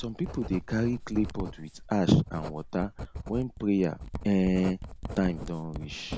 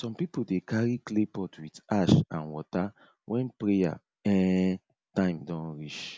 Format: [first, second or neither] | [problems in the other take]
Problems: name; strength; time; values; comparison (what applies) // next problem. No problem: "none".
second | background sound (Writing); 10 dB below the speech